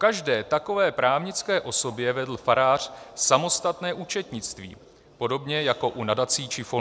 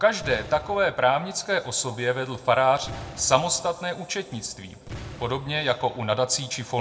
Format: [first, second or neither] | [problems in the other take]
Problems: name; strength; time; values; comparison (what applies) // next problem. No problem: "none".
first | background sound (Boom); 17 dB below the speech // room echo; dies away in 1.3 s